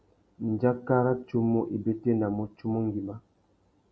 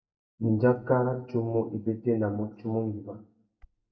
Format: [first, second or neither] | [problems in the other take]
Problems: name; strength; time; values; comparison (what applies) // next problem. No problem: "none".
first | noise reduction (neural mask model DeepFilterNet 3)